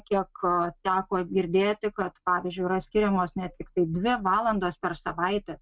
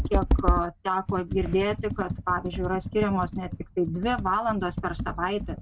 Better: first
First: none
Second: background sound (Computer keyboard); 2 dB below the speech

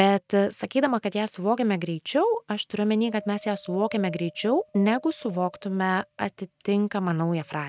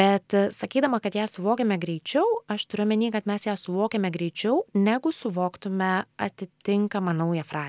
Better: second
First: noise reduction (neural mask model RNNoise)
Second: none

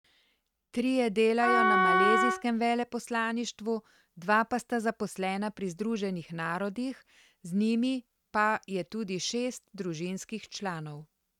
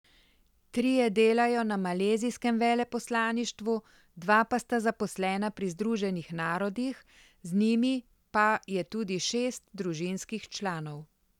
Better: second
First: noise reduction (neural mask model RNNoise)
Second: none

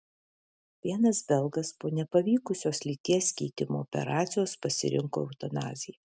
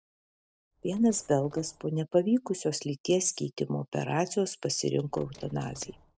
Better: first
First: none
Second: noise reduction (neural separator model SepFormer DNS4)

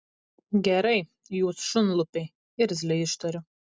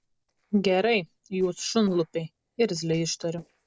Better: first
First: none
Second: noise reduction (neural separator model SepFormer DNS4)

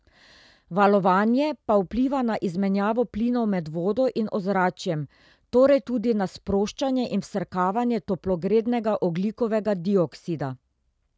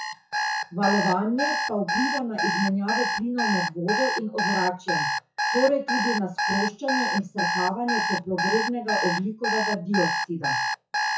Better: first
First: none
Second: noise reduction (classical method WPE with log-MMSE)

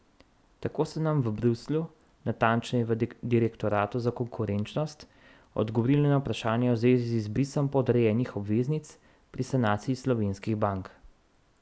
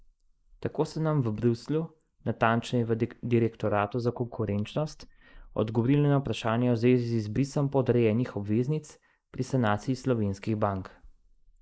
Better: first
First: none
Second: noise reduction (neural mask model Resemble Enhance denoiser)

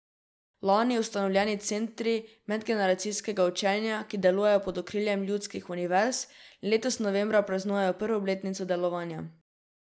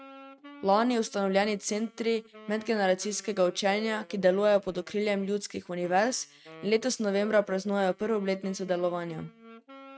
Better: first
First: none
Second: noise reduction (neural mask model RNNoise)

